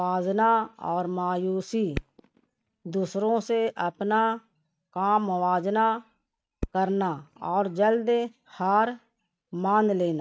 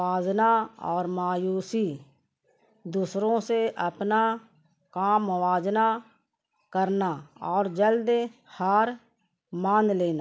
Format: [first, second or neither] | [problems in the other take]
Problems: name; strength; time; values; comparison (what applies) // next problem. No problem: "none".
second | noise reduction (neural mask model RNNoise)